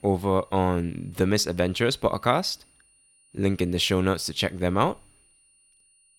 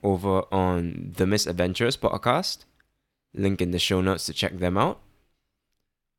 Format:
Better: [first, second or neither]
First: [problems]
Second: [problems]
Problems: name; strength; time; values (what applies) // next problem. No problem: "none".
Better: second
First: high-pitched whine; faint; throughout; 9.5 kHz, 35 dB below the speech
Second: none